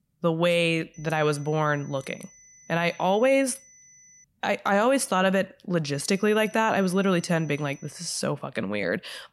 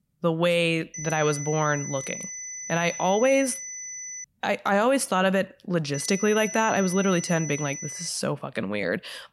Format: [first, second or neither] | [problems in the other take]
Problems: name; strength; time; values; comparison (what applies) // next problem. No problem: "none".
first | high-pitched whine; loud; from 1 to 4 s and from 6 to 8 s; 6 kHz, 9 dB below the speech; faint in the first